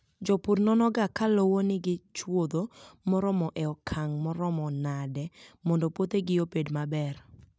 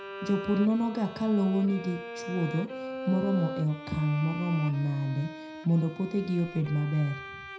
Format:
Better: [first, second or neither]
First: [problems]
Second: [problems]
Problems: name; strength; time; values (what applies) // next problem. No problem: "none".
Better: first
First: none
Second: background sound (Bowed string instrument); 11 dB below the speech // room echo; dies away in 0.5 s